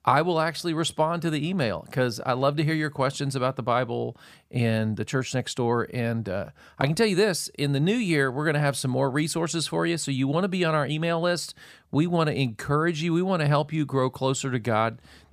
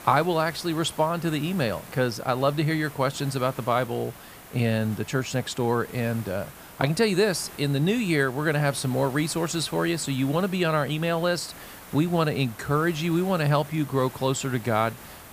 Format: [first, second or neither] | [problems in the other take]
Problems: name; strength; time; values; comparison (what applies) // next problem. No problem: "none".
first | hiss; noticeable; throughout; 20 dB below the speech